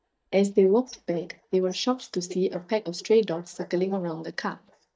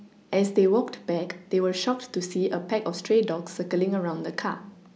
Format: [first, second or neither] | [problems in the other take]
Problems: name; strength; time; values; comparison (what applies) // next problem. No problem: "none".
second | noise reduction (neural mask model DeepFilterNet 3)